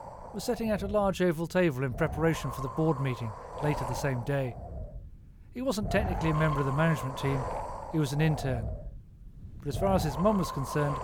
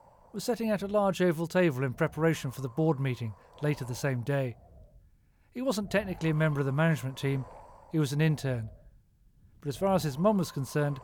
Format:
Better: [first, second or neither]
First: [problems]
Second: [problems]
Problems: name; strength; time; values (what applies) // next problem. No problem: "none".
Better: second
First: wind noise on the microphone; heavy; 5 dB below the speech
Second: wind noise on the microphone; occasional gusts; 20 dB below the speech